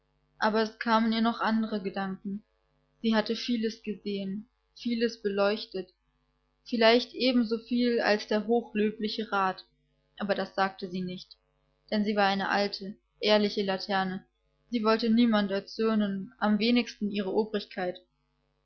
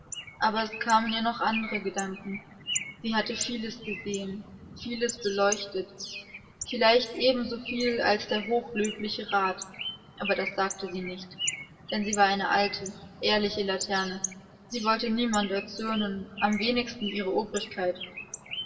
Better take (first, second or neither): first